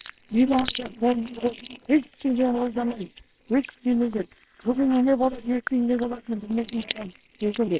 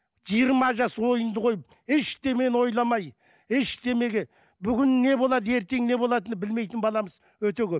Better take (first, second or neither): second